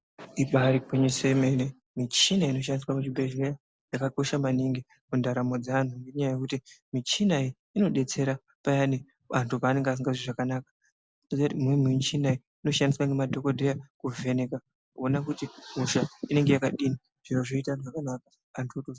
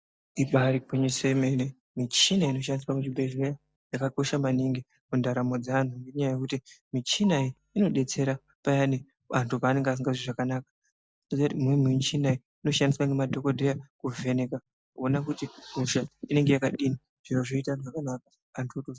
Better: first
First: none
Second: noise reduction (neural mask model DeepFilterNet 3)

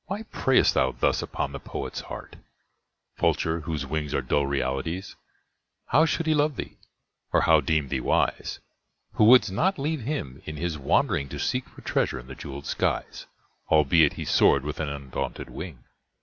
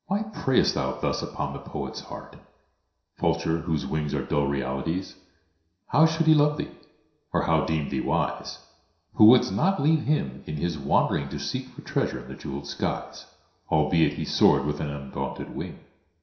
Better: first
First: none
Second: room echo; dies away in 0.7 s

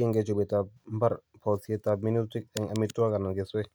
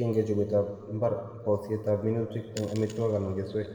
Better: first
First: none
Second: room echo; dies away in 1.9 s

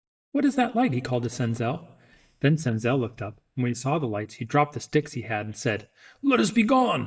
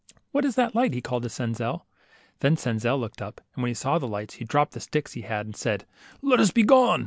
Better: second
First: noise reduction (neural mask model DeepFilterNet 3)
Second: none

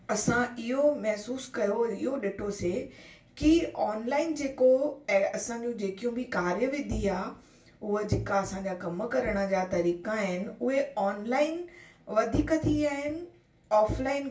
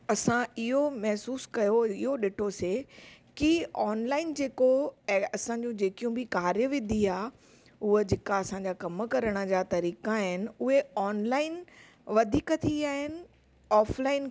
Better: second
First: room echo; dies away in 0.3 s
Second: none

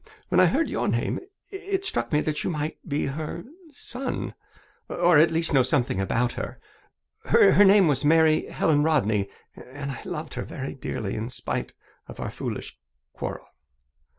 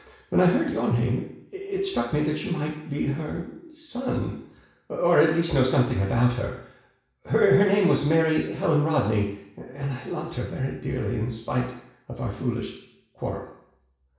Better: first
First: none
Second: room echo; dies away in 0.7 s

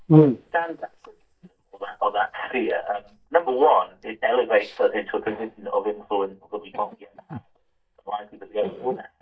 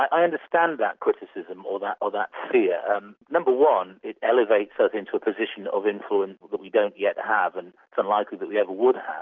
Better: second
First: noise reduction (neural mask model DeepFilterNet 3)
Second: none

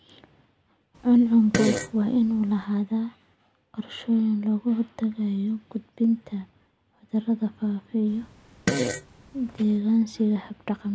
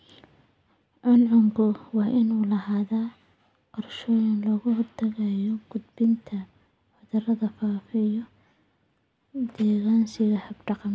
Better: second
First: background sound (Fart); 6 dB below the speech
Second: none

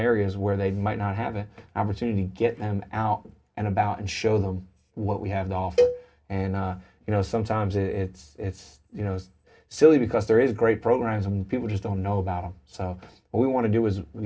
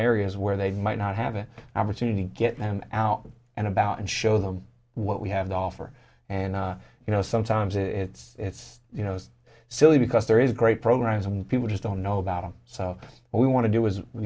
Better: second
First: background sound (Cowbell); 3 dB below the speech // room echo; dies away in 0.3 s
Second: none

